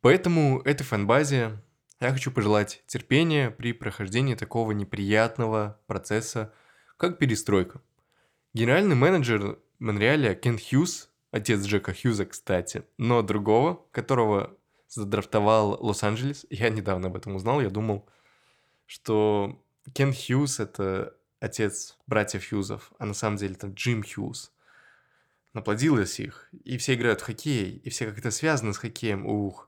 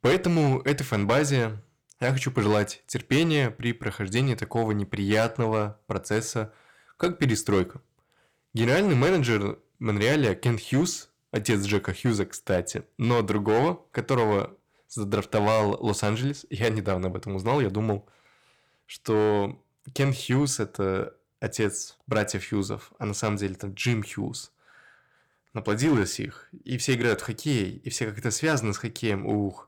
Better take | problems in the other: first | distortion; slight; 5% of the sound clipped

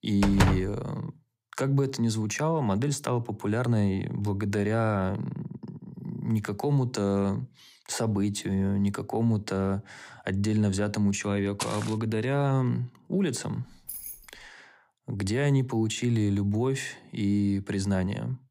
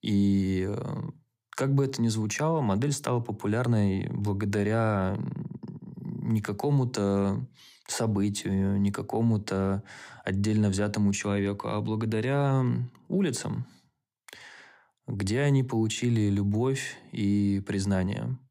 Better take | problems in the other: second | door banging; loud; at the start; peak 2 dB above the speech // footsteps; noticeable; at 12 s; peak 7 dB below the speech // jangling keys; noticeable; at 14 s; peak 9 dB below the speech

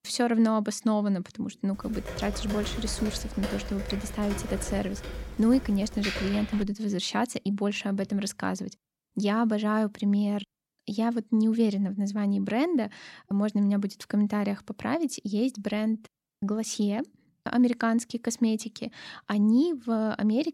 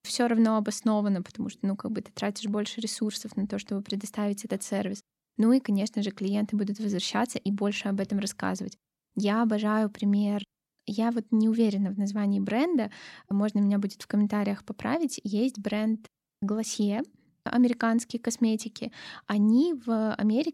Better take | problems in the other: second | keyboard typing; noticeable; from 2 to 6.5 s; peak 4 dB below the speech

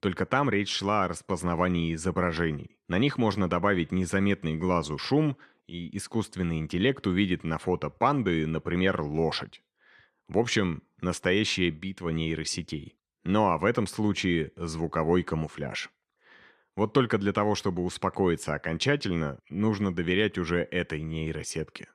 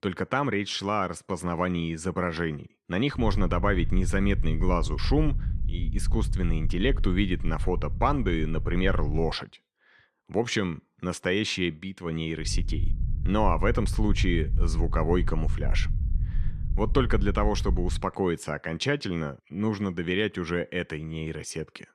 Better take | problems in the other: first | low rumble; noticeable; from 3 to 9.5 s and from 12 to 18 s; 20 dB below the speech

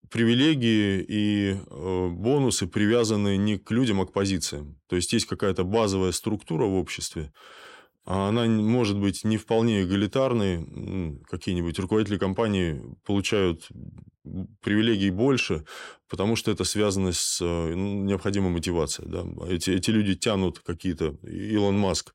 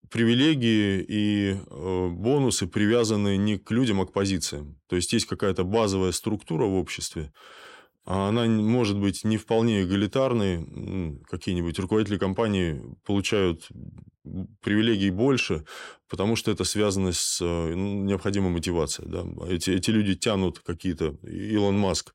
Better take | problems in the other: neither | none

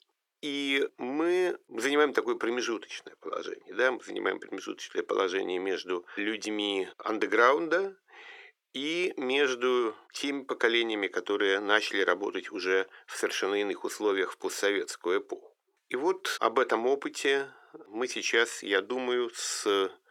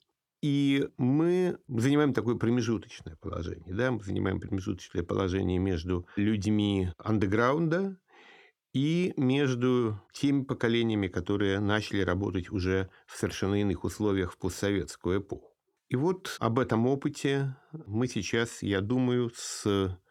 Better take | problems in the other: second | thin; very; fading below 400 Hz

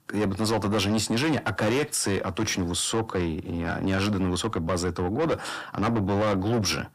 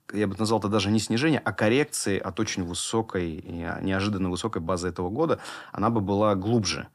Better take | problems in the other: second | distortion; heavy; 8 dB below the speech

